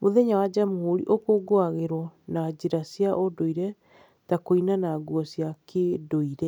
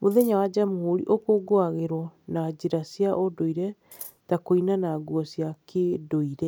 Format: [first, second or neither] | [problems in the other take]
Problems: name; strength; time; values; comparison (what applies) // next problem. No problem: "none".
first | background sound (Scissors); 17 dB below the speech